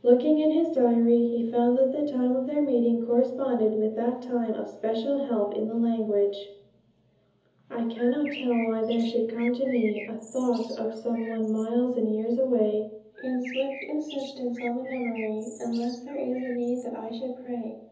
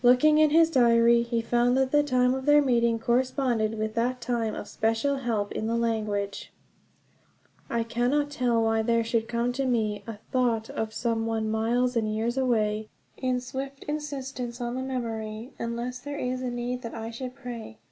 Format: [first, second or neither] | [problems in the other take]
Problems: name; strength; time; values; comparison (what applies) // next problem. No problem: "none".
second | background sound (Bird); 19 dB below the speech // room echo; dies away in 0.7 s